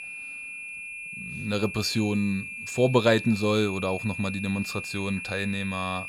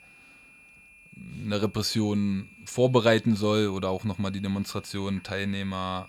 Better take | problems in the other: second | high-pitched whine; loud; throughout; 2.5 kHz, 8 dB below the speech; faint in the second

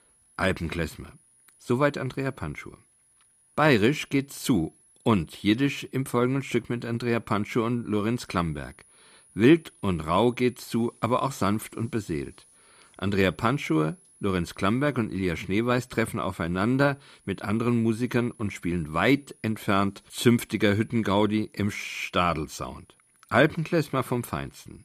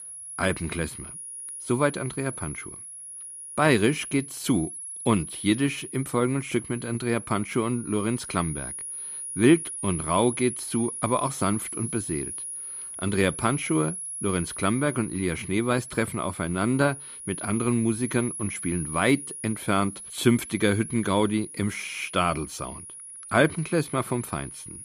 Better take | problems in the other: first | high-pitched whine; loud; throughout; 10.5 kHz, 9 dB below the speech; faint in the first

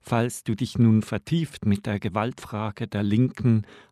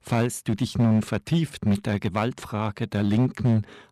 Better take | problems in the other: first | distortion; slight; 6% of the sound clipped

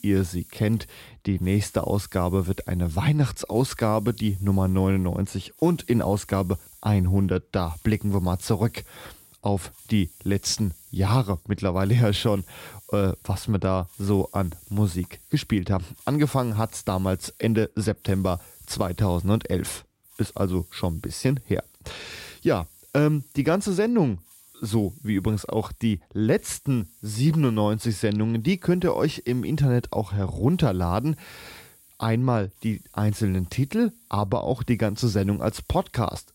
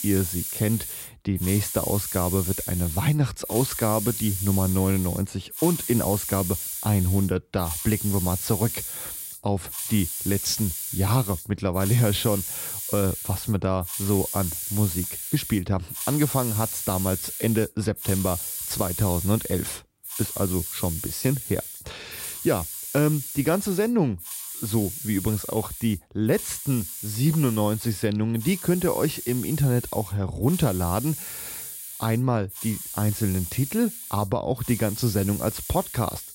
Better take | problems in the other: first | hiss; loud; throughout; 5 dB below the speech; faint in the first

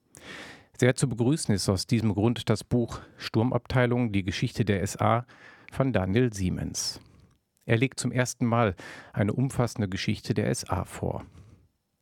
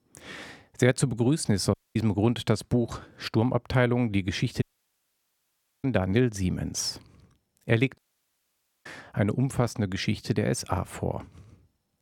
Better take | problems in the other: first | audio cutting out; at 1.5 s, at 4.5 s for 1 s and at 8 s for 1 s

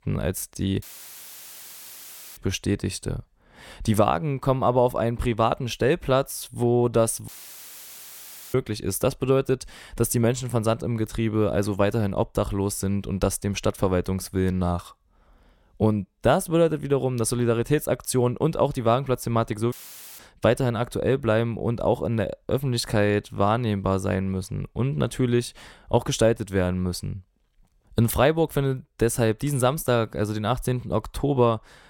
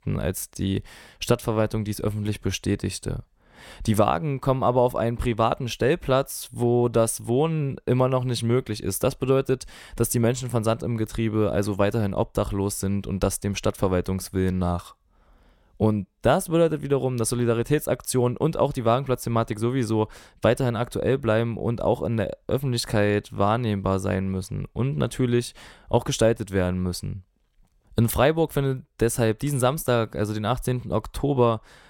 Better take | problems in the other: second | audio cutting out; filled with static; at 1 s for 1.5 s, at 7.5 s for 1.5 s and at 20 s

